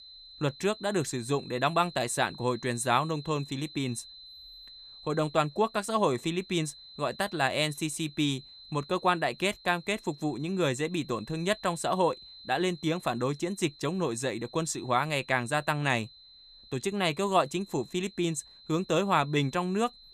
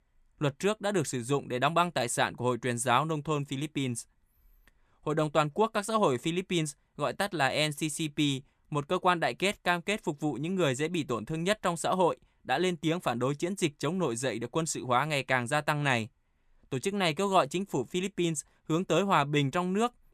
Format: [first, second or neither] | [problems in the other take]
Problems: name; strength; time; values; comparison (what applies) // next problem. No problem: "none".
second | high-pitched whine; noticeable; throughout; 4 kHz, 20 dB below the speech